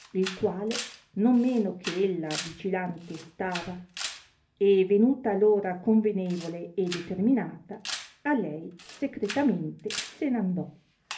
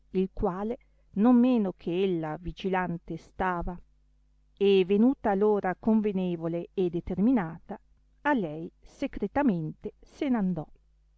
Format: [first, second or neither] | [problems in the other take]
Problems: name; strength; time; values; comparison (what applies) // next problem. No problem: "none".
second | background sound (Camera); 15 dB below the speech // room echo; dies away in 0.3 s